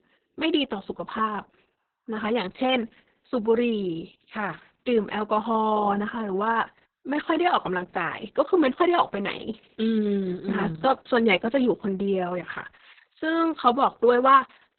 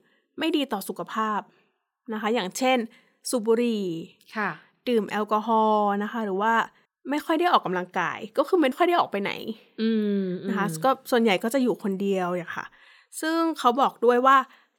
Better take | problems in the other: second | garbled, watery; badly; nothing above 4 kHz

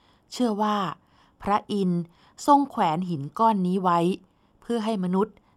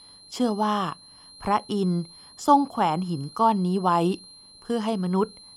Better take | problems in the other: first | high-pitched whine; faint; throughout; 4 kHz, 20 dB below the speech

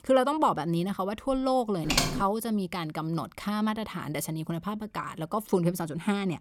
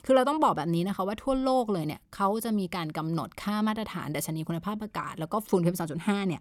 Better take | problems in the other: second | keyboard typing; loud; at 2 s; peak 3 dB above the speech

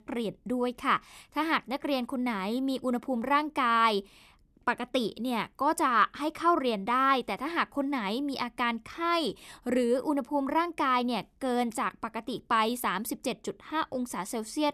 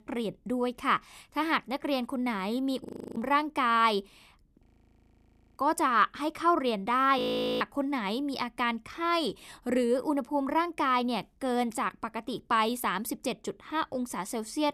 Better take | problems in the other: first | audio freezing; at 3 s, at 4.5 s for 1 s and at 7 s

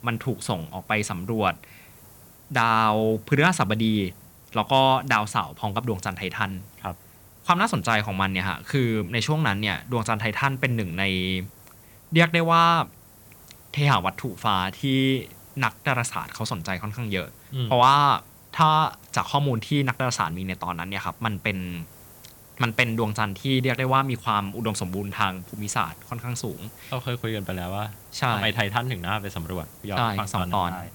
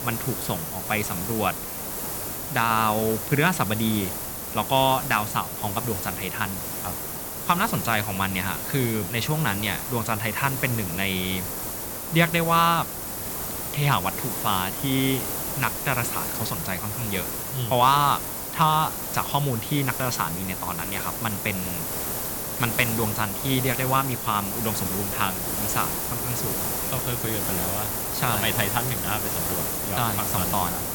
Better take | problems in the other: first | hiss; loud; throughout; 2 dB below the speech; faint in the first

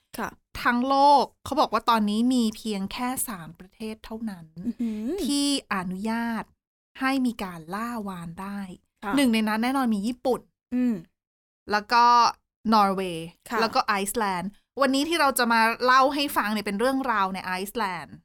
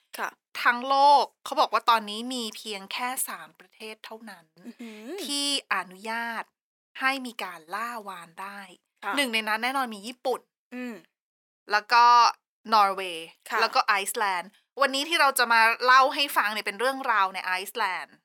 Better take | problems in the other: first | thin; somewhat; fading below 500 Hz

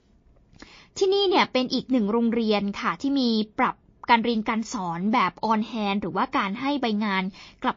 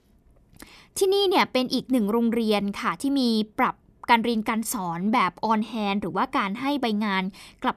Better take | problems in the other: second | garbled, watery; slightly; nothing above 6.5 kHz

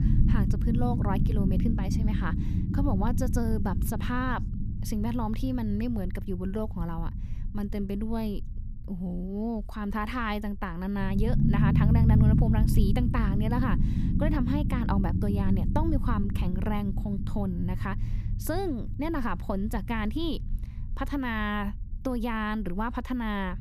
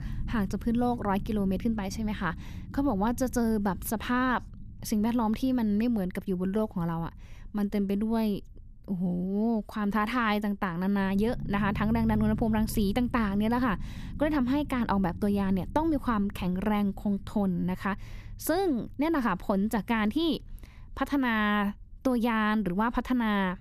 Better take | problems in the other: second | low rumble; loud; throughout; 5 dB below the speech; faint in the second

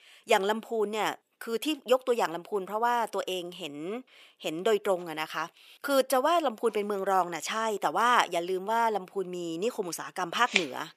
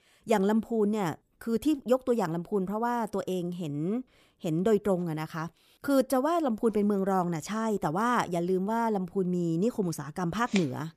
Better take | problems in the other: second | thin; somewhat; fading below 500 Hz

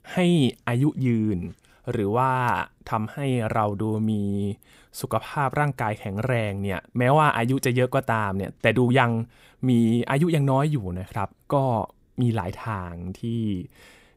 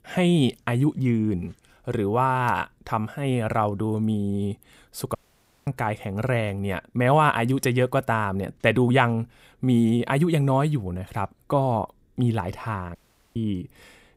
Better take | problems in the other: first | audio cutting out; at 5 s for 0.5 s and at 13 s

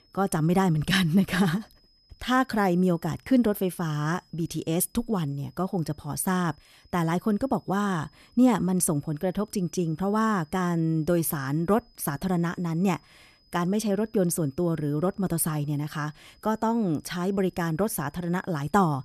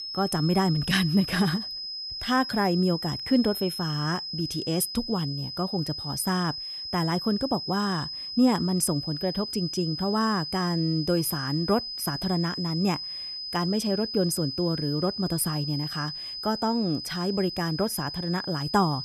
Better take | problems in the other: first | high-pitched whine; loud; throughout; 5 kHz, 5 dB below the speech; faint in the first

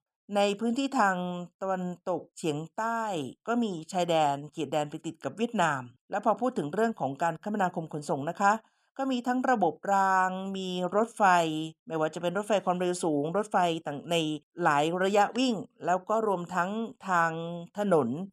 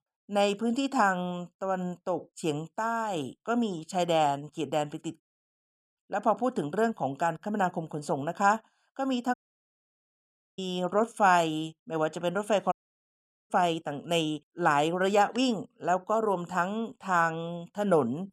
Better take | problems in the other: first | audio cutting out; at 5 s for 1 s, at 9.5 s for 1 s and at 13 s for 1 s

